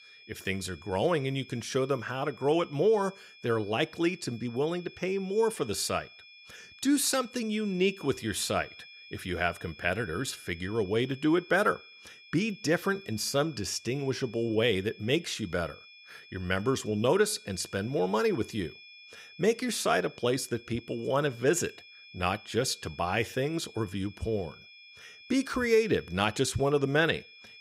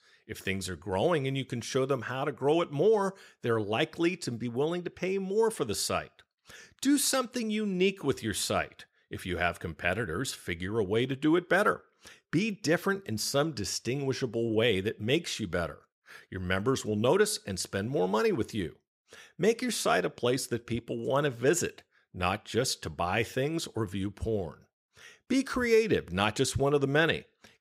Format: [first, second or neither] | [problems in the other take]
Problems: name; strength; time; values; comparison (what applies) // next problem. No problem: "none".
second | high-pitched whine; faint; throughout; 2.5 kHz, 20 dB below the speech